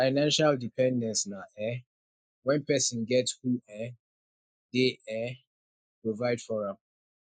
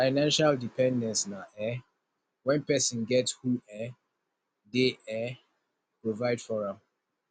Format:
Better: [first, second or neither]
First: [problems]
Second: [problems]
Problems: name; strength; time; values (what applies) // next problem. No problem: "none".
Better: second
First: noise reduction (neural mask model Resemble Enhance denoiser)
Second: none